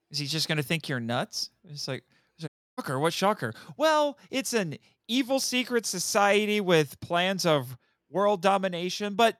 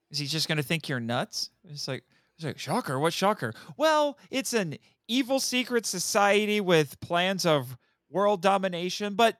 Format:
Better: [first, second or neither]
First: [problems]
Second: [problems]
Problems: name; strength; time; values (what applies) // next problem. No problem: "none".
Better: second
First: audio cutting out; at 2.5 s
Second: none